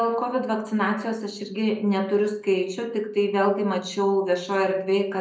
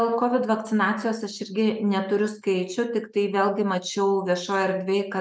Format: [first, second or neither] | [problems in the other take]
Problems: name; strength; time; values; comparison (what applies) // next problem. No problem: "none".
second | room echo; dies away in 0.5 s